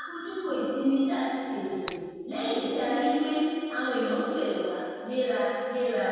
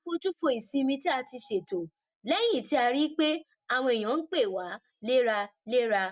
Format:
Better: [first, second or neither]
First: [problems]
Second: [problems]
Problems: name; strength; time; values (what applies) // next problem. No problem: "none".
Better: second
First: background sound (Shatter); 15 dB below the speech // room echo; dies away in 2.1 s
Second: none